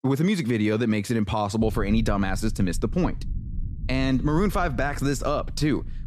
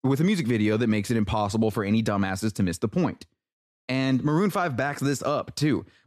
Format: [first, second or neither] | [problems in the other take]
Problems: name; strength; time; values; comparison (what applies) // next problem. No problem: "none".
second | low rumble; faint; from 1.5 s on; 25 dB below the speech